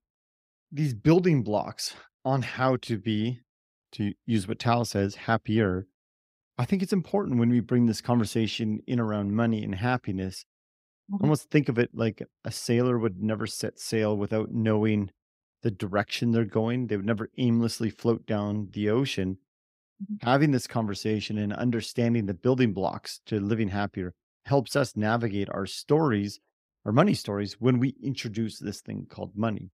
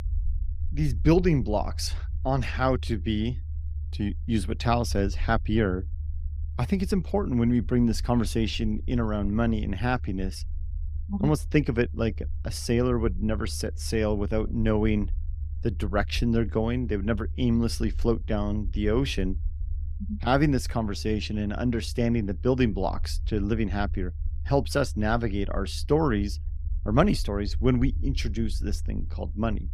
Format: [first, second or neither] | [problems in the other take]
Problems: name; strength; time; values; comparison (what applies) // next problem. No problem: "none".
first | low rumble; faint; throughout; 25 dB below the speech